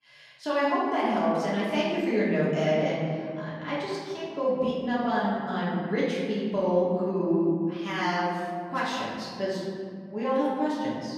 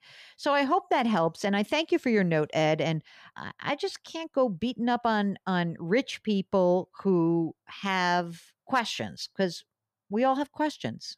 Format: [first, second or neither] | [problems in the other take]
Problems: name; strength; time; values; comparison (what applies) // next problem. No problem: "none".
second | off-mic speech; far // room echo; strong; dies away in 2.1 s